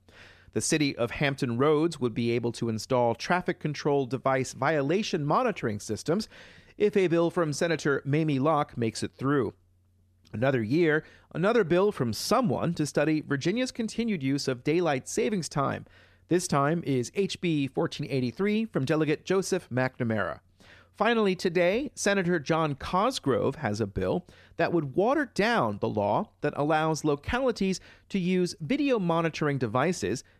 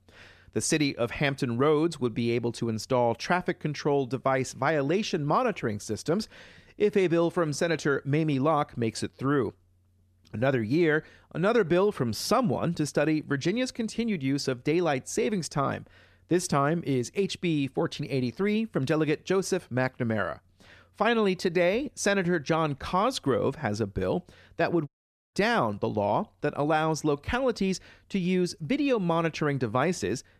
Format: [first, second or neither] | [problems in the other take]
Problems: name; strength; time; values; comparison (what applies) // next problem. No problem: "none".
first | audio cutting out; at 25 s